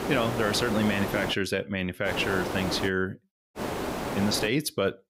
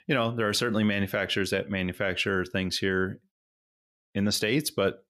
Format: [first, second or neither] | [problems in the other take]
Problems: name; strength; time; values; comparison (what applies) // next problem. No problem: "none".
second | hiss; loud; until 1.5 s, at 2 s and at 3.5 s; 5 dB below the speech